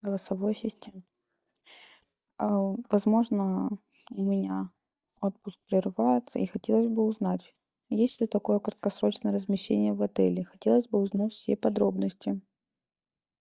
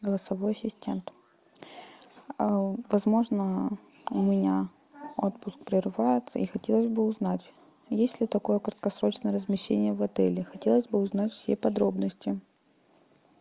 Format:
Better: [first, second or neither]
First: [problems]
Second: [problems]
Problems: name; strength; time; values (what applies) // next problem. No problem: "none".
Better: second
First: noise reduction (neural mask model DeepFilterNet 3)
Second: none